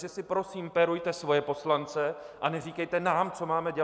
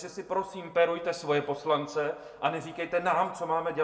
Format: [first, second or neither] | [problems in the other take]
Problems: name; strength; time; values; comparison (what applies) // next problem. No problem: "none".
first | room echo; dies away in 0.4 s